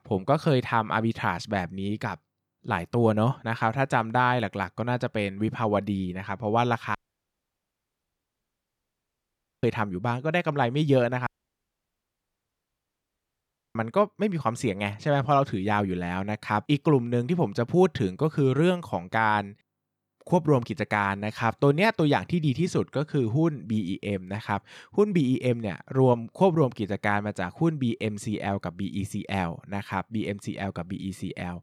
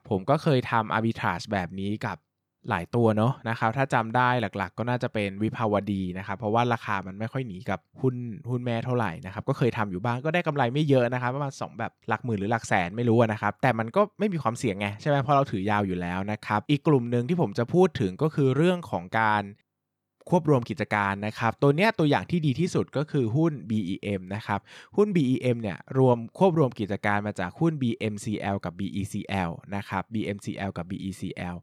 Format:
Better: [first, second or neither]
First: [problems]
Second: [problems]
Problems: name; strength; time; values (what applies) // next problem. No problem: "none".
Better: second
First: audio cutting out; at 7 s for 2.5 s and at 11 s for 2.5 s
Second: none